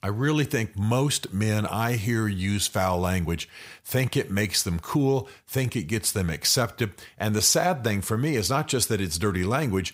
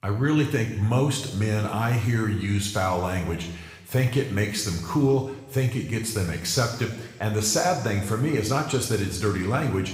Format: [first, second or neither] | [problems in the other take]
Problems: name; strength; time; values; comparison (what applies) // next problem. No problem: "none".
first | room echo; noticeable; dies away in 1.1 s // off-mic speech; somewhat distant